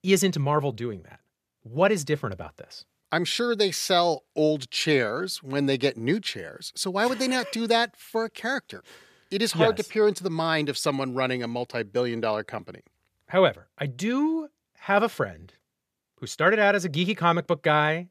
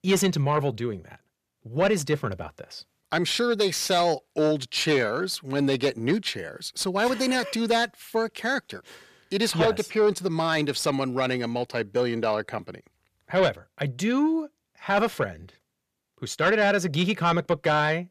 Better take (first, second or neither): first